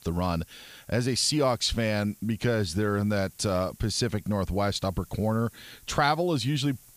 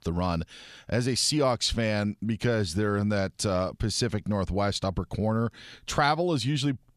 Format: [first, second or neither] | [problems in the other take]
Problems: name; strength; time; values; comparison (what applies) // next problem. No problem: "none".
second | hiss; faint; throughout; 25 dB below the speech